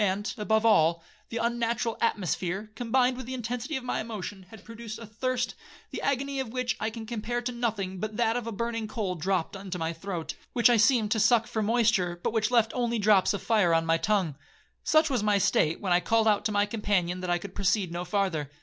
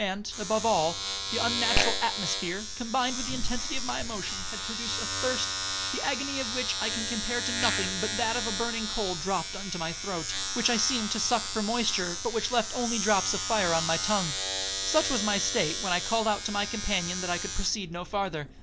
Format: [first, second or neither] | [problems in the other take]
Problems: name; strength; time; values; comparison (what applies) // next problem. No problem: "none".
first | background sound (Domestic sounds, home sounds); 1 dB below the speech